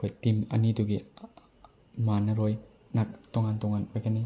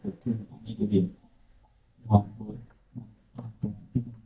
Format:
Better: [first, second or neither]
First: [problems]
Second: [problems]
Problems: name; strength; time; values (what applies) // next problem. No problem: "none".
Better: first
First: none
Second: noise reduction (neural mask model DeepFilterNet 3)